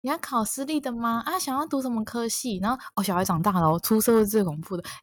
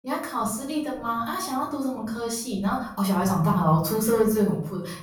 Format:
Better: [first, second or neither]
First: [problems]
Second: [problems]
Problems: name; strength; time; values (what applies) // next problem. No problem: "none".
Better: first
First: none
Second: off-mic speech; far // room echo; noticeable; dies away in 0.6 s